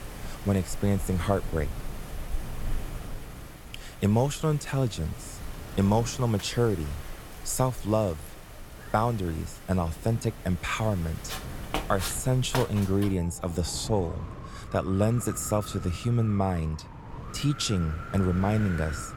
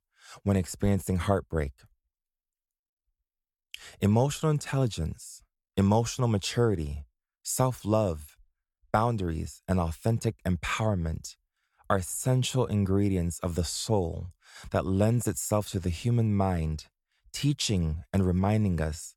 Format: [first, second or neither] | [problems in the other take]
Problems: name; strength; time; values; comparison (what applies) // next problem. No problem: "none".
second | wind in the background; noticeable; throughout; 10 dB below the speech